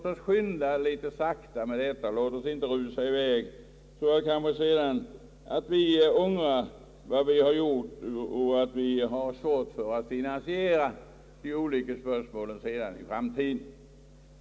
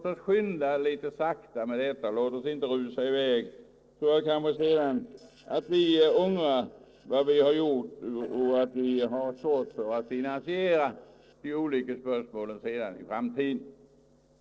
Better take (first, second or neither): first